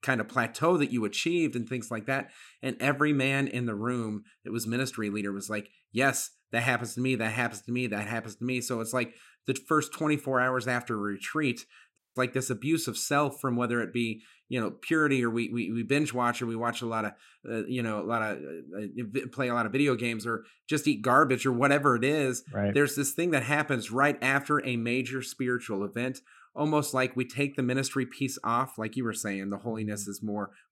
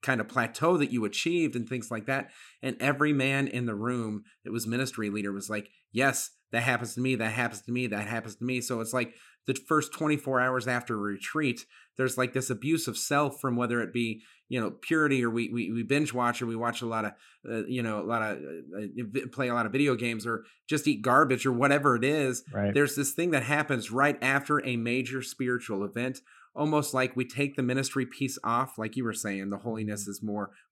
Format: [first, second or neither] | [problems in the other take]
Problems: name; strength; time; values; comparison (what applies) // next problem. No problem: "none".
second | audio cutting out; at 12 s